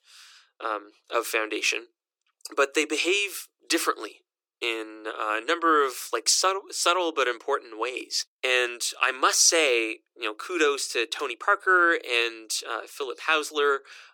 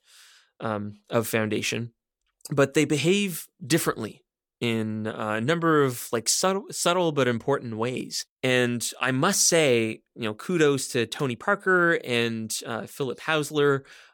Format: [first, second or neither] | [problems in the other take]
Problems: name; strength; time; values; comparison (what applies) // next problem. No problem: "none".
second | thin; very; fading below 300 Hz